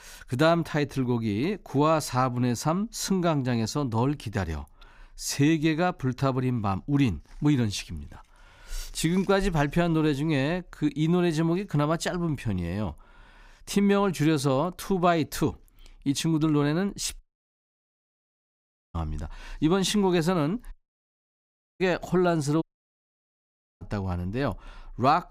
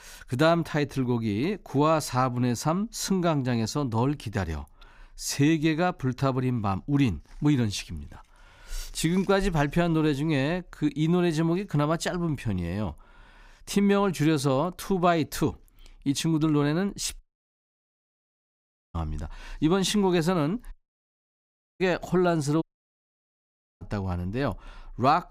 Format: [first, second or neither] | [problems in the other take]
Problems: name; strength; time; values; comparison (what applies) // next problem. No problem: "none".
neither | audio cutting out; at 17 s for 1.5 s, at 21 s for 1 s and at 23 s for 1 s; the same in both